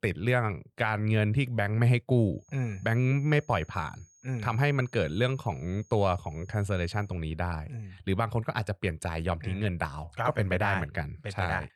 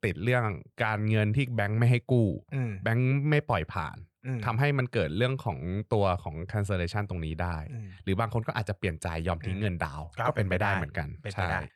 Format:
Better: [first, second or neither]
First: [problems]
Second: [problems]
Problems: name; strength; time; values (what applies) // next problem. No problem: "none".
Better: second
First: high-pitched whine; faint; from 2.5 to 7 s; 6.5 kHz, 30 dB below the speech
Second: none